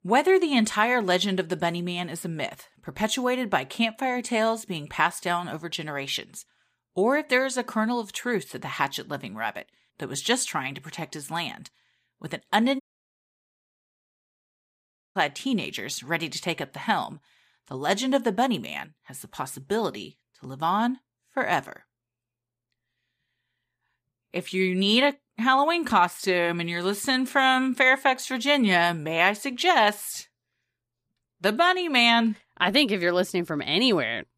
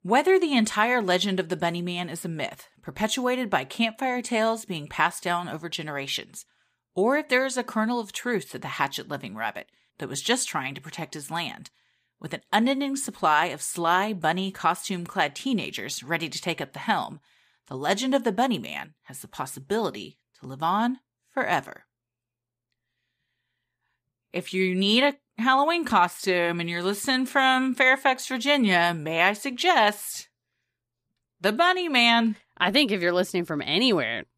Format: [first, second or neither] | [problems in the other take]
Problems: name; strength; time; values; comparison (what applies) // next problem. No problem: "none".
second | audio cutting out; at 13 s for 2.5 s